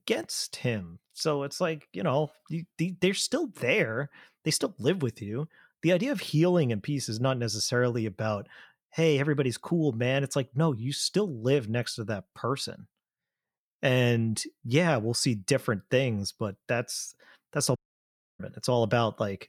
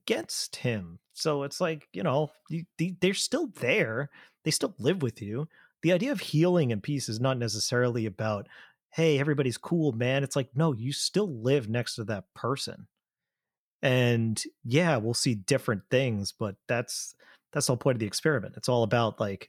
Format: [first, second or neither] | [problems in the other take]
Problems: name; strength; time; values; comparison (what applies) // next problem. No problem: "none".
second | audio cutting out; at 18 s for 0.5 s